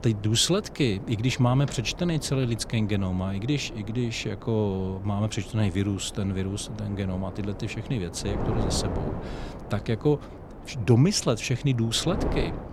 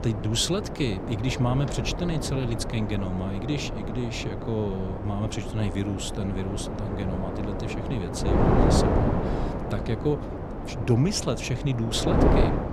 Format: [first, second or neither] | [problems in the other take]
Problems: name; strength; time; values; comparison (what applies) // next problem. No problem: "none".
first | wind noise on the microphone; heavy; as loud as the speech; occasional gusts in the first